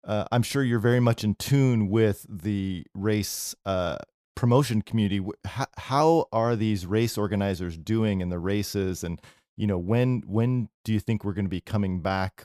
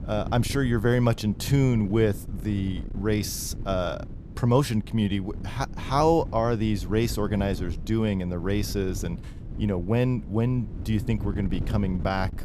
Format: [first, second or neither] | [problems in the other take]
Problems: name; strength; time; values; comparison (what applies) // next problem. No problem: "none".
first | wind noise on the microphone; occasional gusts; 15 dB below the speech